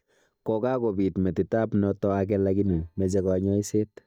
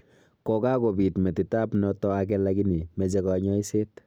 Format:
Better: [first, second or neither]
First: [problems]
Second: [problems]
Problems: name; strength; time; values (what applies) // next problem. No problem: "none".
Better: second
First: noise reduction (neural mask model DeepFilterNet 3)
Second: none